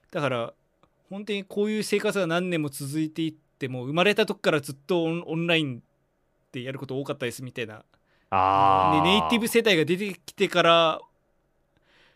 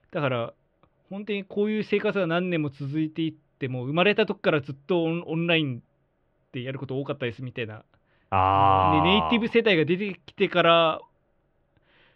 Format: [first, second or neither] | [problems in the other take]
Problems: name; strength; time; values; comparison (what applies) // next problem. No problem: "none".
first | muffled; slightly; fading above 3 kHz